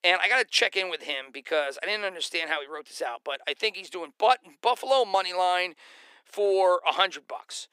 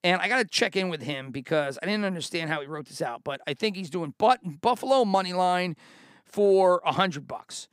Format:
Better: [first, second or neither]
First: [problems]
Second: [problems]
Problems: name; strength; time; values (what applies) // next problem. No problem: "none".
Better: second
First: thin; very; fading below 400 Hz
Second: none